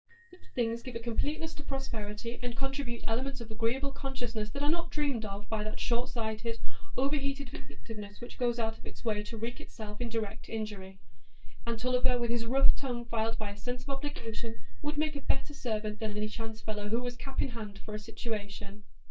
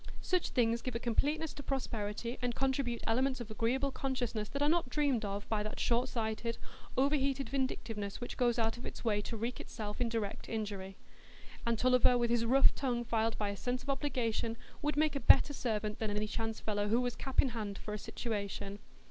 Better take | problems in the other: second | noise reduction (neural mask model DeepFilterNet 3)

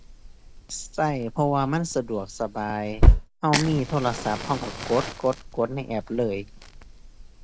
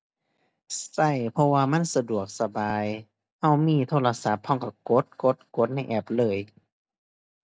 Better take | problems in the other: second | background sound (Fire); as loud as the speech

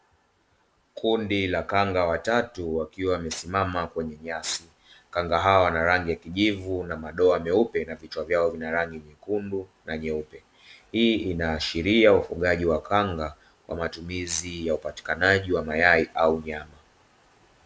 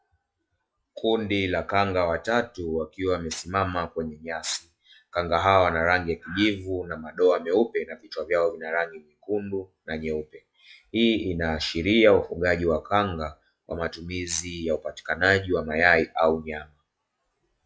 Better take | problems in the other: first | noise reduction (classical method log-MMSE)

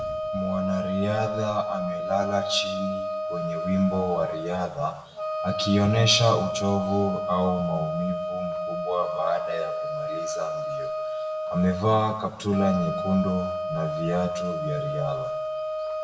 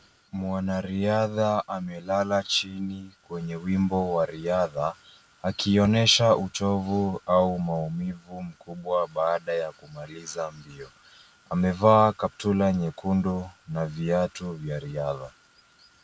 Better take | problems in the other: second | background sound (Wind instrument, woodwind instrument); 3 dB below the speech // room echo; dies away in 0.7 s

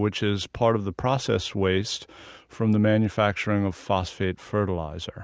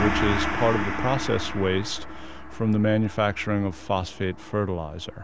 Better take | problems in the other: first | background sound (Gong); 4 dB below the speech

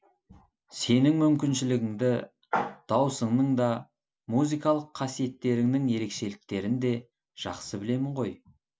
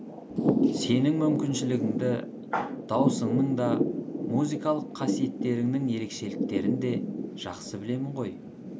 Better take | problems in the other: first | background sound (Thunder / Rain); 1 dB below the speech

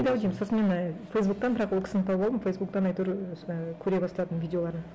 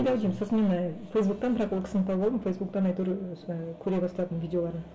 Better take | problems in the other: first | room echo; dies away in 0.7 s

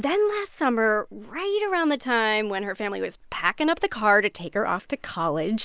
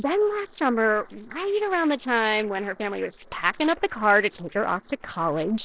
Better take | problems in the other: first | noise reduction (neural separator model SepFormer DNS4)

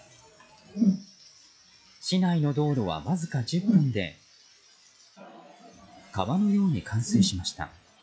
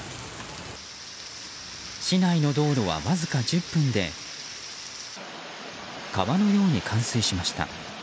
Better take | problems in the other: second | noise reduction (classical method log-MMSE)

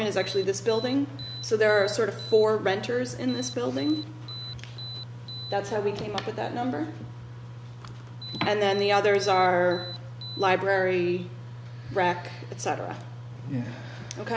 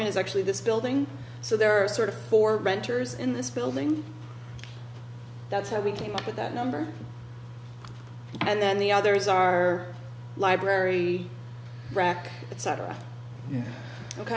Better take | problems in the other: second | background sound (Alarm); 14 dB below the speech

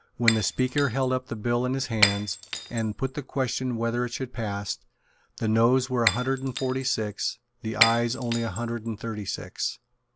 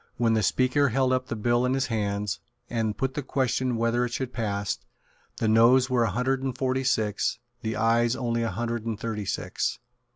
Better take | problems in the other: second | background sound (Shatter); 5 dB below the speech

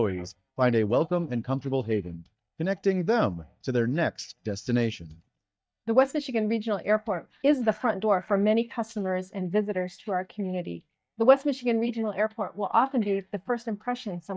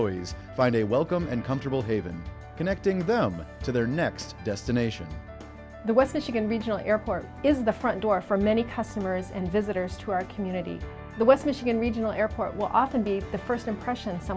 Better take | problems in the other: second | noise reduction (neural mask model DeepFilterNet 3)

